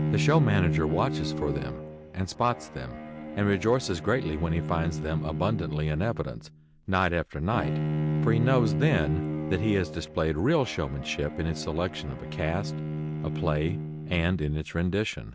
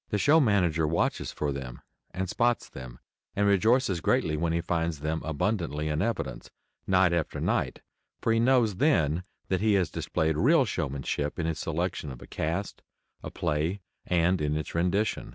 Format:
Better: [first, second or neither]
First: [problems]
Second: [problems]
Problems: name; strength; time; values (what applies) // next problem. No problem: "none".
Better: second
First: background sound (Bowed string instrument); 4 dB below the speech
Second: none